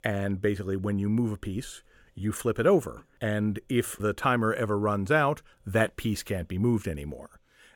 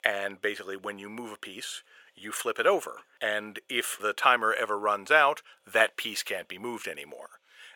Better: first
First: none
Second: thin; very; fading below 700 Hz

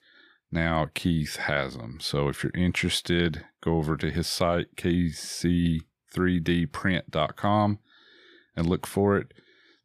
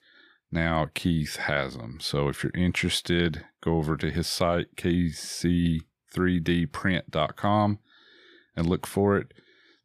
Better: neither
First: none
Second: none

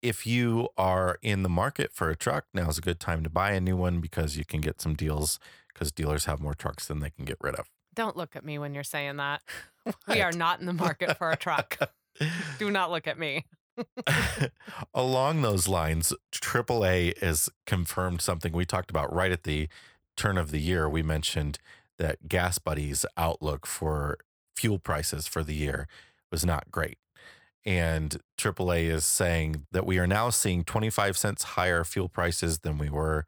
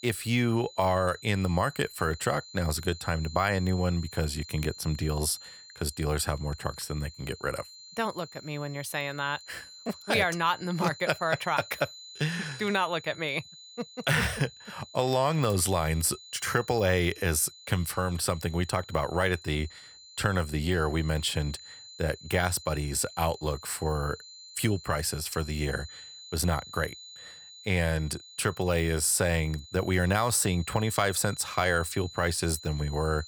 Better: first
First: none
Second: high-pitched whine; noticeable; throughout; 4 kHz, 15 dB below the speech

